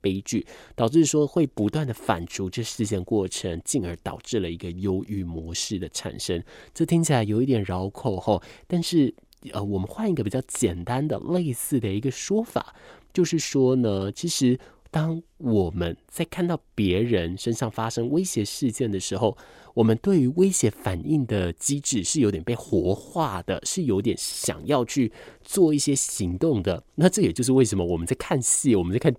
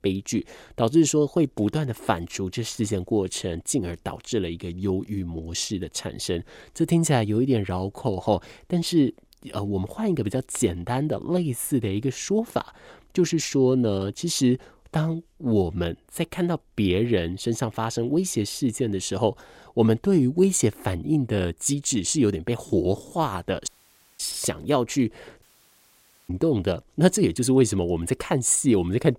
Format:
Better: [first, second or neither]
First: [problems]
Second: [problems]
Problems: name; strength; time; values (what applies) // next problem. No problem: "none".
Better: first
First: none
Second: audio cutting out; at 24 s for 0.5 s and at 25 s for 1 s